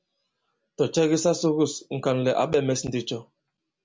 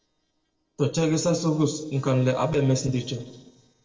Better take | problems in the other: first | noise reduction (neural separator model SepFormer DNS4)

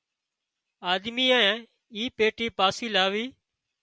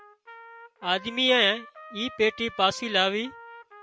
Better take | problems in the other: first | background sound (Trumpet); 19 dB below the speech

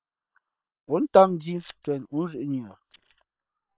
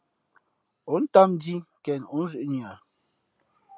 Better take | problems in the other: second | noise reduction (neural separator model SepFormer WHAM!)

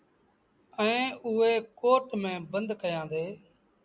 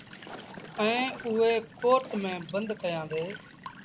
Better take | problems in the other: first | background sound (Walk, footsteps / Stream / Trickle, dribble / Chirp, tweet); 15 dB below the speech

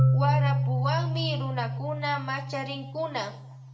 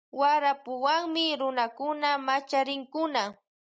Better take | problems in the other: second | background sound (Marimba, xylophone); 5 dB above the speech // room echo; dies away in 0.6 s

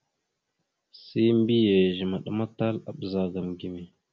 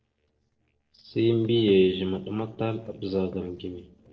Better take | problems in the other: first | noise reduction (neural separator model SepFormer DNS4)

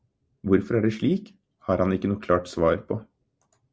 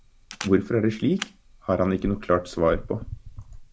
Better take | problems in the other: first | background sound (Camera); 13 dB below the speech

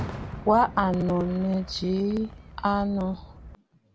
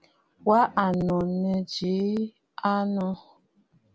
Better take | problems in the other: second | background sound (Fireworks); 13 dB below the speech

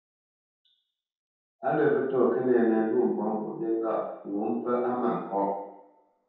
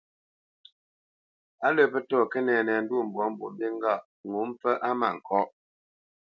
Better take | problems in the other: second | room echo; dies away in 0.9 s

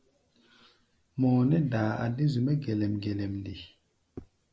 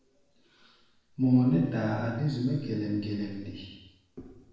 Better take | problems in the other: first | room echo; dies away in 0.9 s

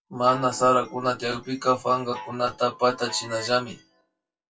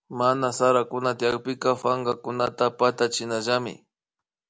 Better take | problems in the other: second | noise reduction (classical method WPE with log-MMSE)

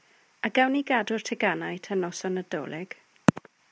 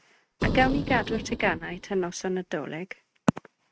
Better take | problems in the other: first | noise reduction (neural mask model RNNoise)

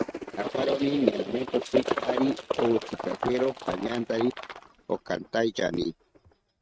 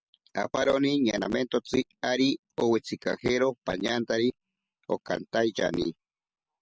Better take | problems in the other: second | noise reduction (neural mask model RNNoise)

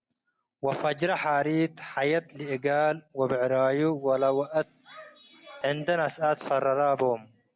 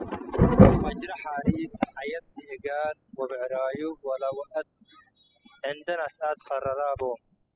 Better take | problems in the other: first | noise reduction (classical method spectral subtraction)

